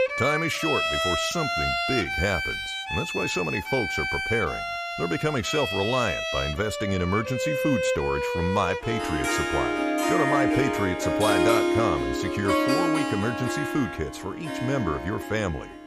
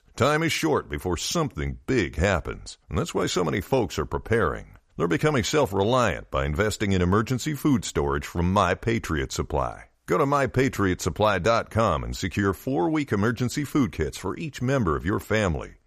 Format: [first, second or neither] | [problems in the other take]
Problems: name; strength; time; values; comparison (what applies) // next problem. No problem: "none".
second | background music; very loud; throughout; 2 dB above the speech